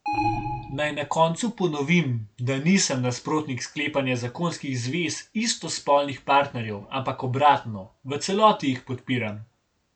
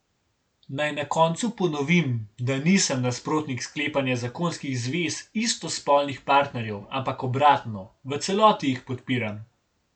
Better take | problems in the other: second | background sound (Alarm); 5 dB below the speech

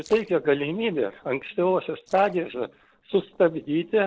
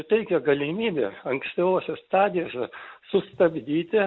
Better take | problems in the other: second | noise reduction (neural separator model SepFormer DNS4)

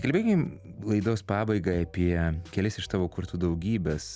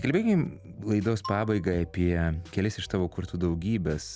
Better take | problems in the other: first | background sound (Marimba, xylophone); 17 dB below the speech

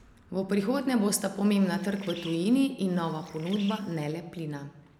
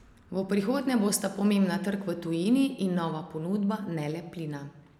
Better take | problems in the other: second | background sound (Bird); 19 dB below the speech

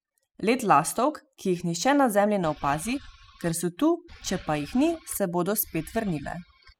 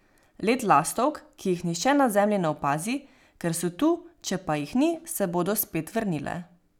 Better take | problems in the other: second | noise reduction (classical method spectral subtraction)

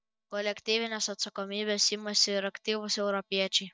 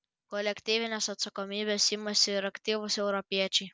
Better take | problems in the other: second | noise reduction (neural mask model DeepFilterNet 3)

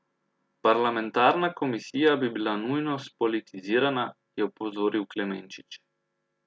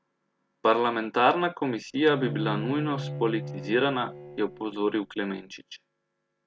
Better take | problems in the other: first | background sound (Bowed string instrument); 9 dB below the speech

